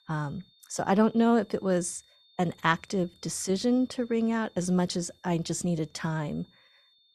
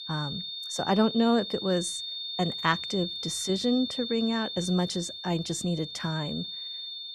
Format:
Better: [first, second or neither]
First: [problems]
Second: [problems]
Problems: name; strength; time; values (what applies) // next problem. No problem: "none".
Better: first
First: high-pitched whine; faint; throughout; 3.5 kHz, 30 dB below the speech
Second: high-pitched whine; loud; throughout; 3.5 kHz, 5 dB below the speech